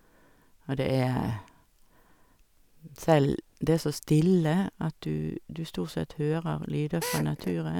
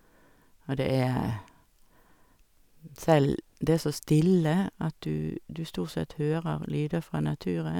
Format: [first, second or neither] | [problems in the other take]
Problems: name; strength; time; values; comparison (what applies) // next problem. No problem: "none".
second | background sound (Drill); 8 dB below the speech